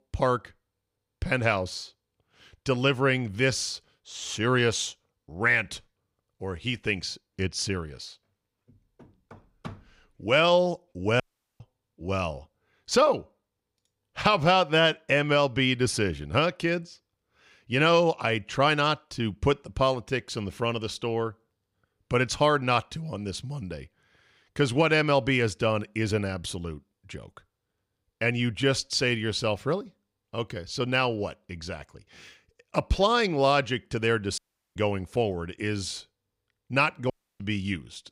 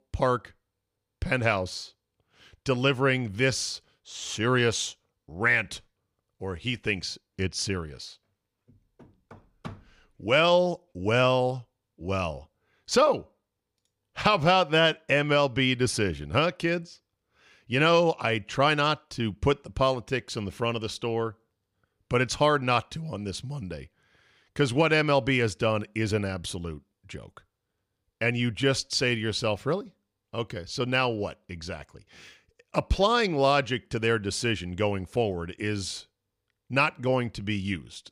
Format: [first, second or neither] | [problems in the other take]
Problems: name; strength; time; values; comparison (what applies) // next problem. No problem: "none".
second | audio cutting out; at 11 s, at 34 s and at 37 s